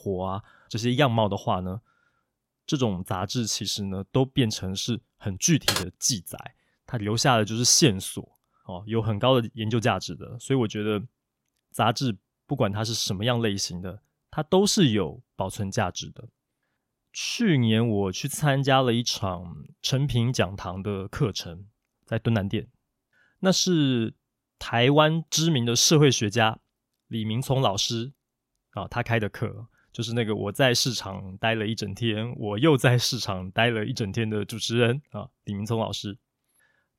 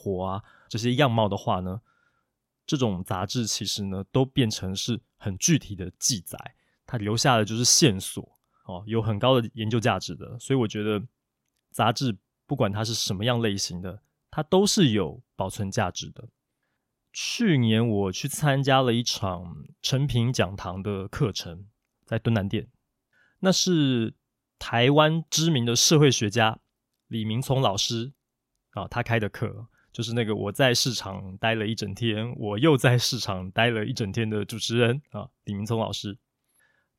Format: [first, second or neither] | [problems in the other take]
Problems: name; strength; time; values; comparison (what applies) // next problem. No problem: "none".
second | keyboard typing; noticeable; at 5.5 s; peak 1 dB below the speech